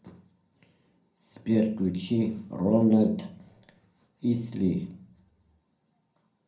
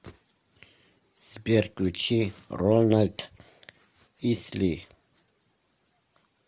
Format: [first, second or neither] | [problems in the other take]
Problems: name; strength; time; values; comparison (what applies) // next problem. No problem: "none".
second | room echo; dies away in 0.5 s